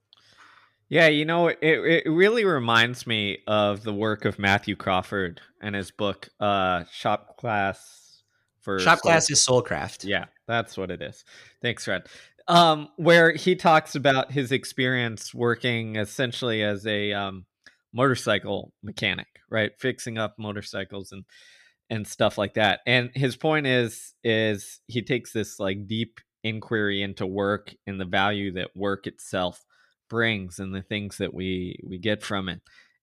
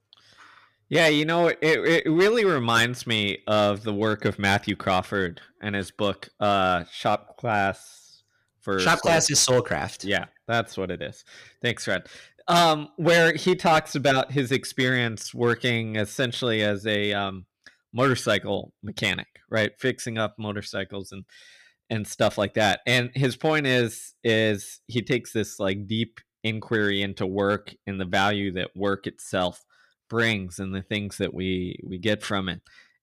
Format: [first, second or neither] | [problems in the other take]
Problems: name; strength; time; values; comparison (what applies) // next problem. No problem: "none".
first | distortion; slight; 3% of the sound clipped